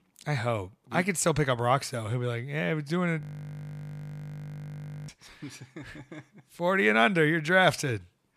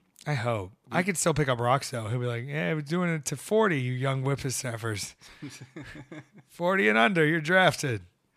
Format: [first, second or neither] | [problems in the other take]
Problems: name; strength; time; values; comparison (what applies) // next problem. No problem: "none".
second | audio freezing; at 3 s for 2 s